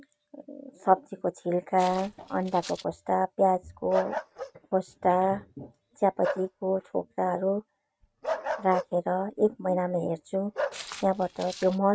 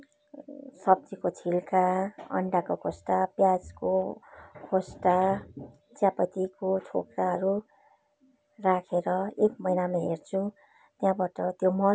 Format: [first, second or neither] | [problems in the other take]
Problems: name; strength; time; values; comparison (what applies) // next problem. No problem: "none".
second | noise reduction (neural mask model RNNoise)